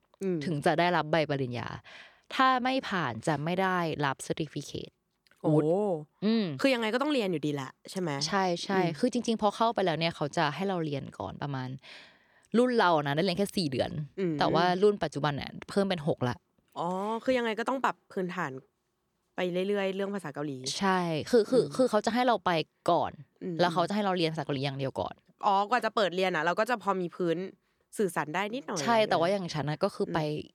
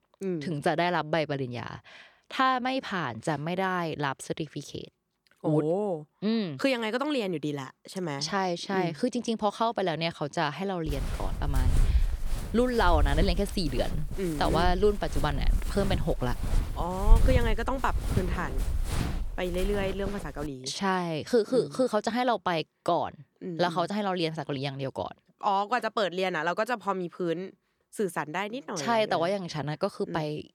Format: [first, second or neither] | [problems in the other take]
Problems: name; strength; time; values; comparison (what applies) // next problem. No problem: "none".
first | footsteps; loud; from 11 to 20 s; peak 5 dB above the speech